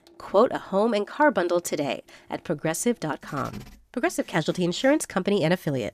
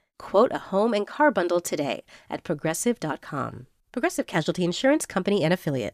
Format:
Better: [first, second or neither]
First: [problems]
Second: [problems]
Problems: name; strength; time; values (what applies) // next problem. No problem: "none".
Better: second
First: household noises; faint; throughout; 25 dB below the speech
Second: none